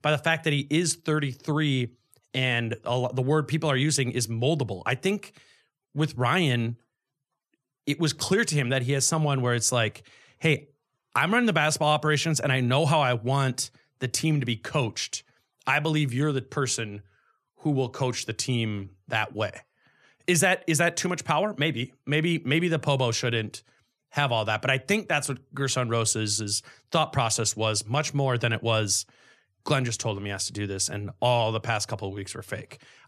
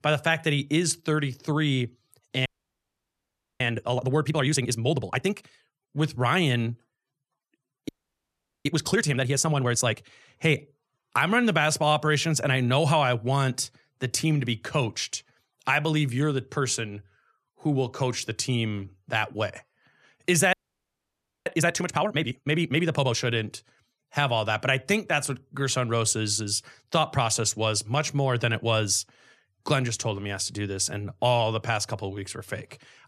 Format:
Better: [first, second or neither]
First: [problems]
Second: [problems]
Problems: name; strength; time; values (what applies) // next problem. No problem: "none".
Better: first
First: none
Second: audio freezing; at 2.5 s for 1 s, at 8 s for 1 s and at 21 s for 1 s